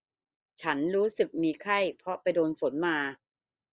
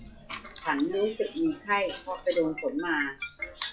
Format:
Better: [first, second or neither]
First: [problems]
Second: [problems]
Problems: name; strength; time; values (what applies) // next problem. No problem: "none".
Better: first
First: none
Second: noise reduction (classical method WPE with log-MMSE)